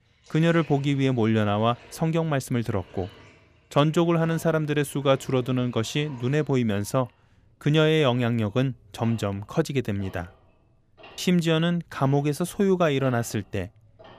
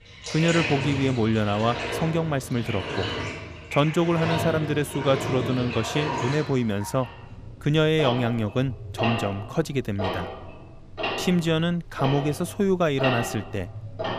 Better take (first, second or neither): first